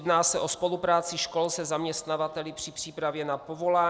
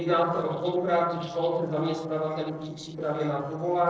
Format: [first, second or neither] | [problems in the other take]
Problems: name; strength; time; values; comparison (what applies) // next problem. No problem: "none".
first | noise reduction (neural separator model SepFormer DNS4)